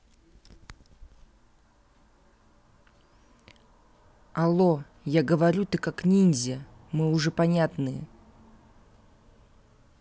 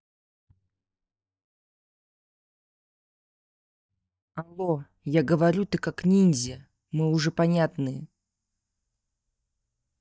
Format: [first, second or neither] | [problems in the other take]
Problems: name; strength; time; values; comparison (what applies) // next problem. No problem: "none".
first | noise reduction (neural mask model DeepFilterNet 3)